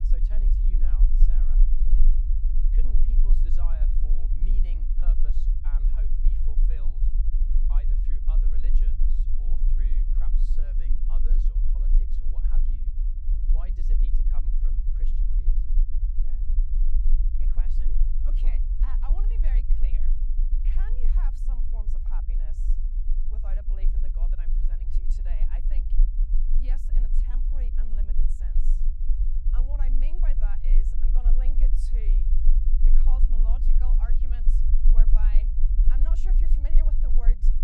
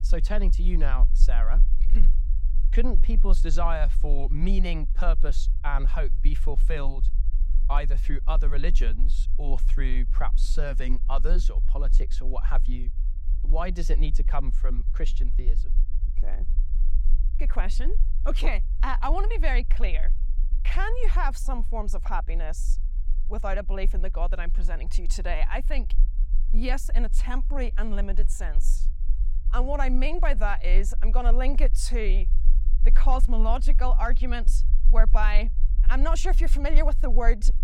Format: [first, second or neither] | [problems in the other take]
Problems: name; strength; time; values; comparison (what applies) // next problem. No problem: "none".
second | low rumble; loud; throughout; 1 dB below the speech; faint in the second